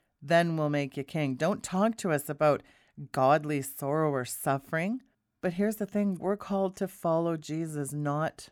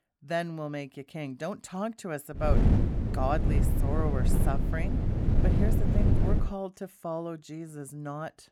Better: first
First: none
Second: wind noise on the microphone; heavy; from 2.5 to 6.5 s; 2 dB below the speech

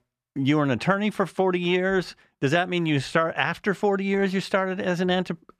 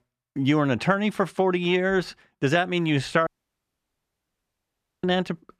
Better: first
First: none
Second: audio cutting out; at 3.5 s for 2 s

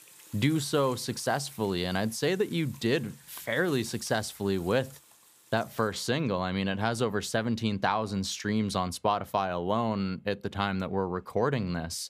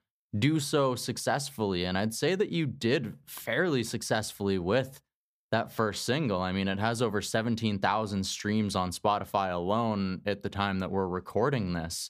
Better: second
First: household noises; faint; throughout; 20 dB below the speech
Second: none

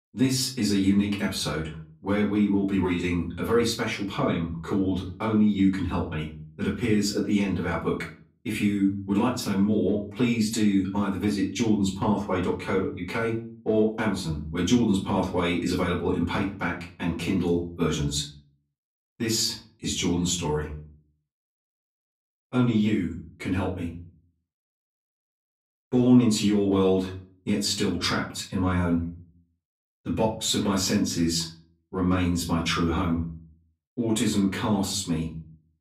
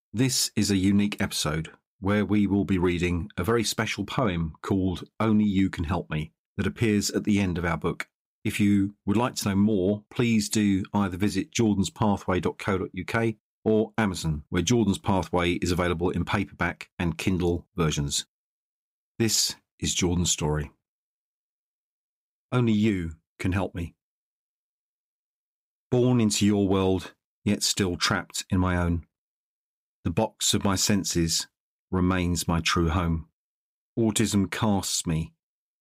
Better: second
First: off-mic speech; far // room echo; slight; dies away in 0.3 s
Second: none

